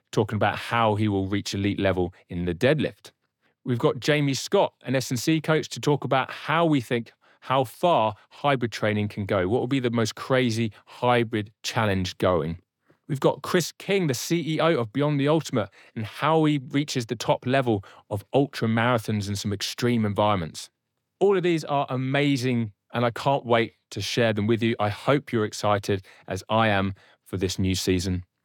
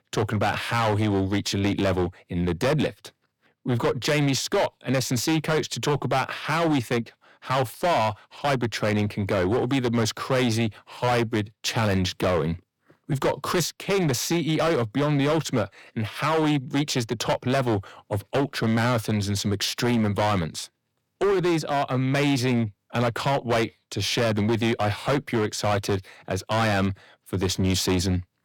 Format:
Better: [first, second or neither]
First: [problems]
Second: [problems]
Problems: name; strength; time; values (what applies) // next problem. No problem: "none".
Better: first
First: none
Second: distortion; heavy; 15% of the sound clipped